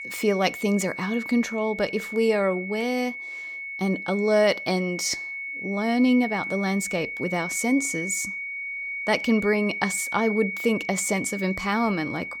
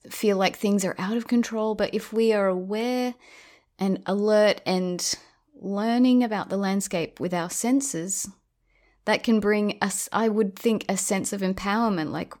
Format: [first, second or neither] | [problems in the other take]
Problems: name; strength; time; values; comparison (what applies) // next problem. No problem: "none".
second | high-pitched whine; loud; throughout; 2 kHz, 6 dB below the speech